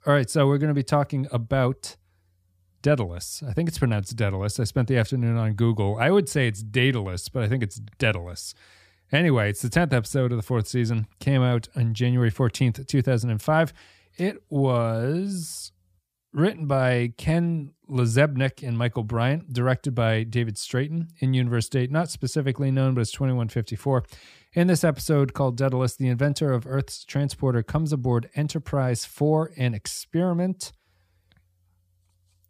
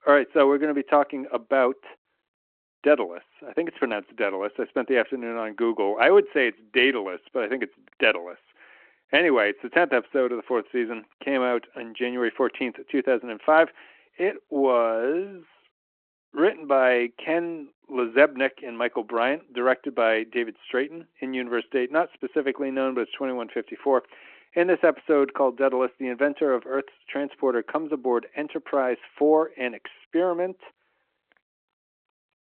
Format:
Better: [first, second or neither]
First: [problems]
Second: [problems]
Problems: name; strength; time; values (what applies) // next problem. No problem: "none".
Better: first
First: none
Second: phone-call audio